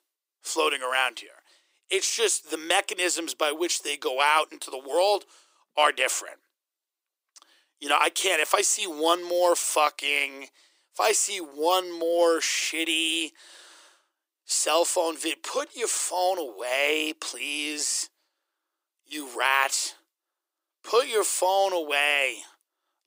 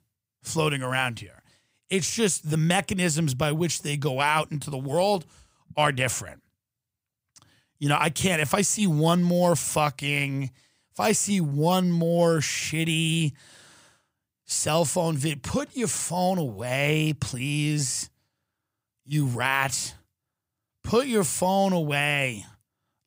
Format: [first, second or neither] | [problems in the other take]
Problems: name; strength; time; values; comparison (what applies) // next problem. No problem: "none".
second | thin; very; fading below 350 Hz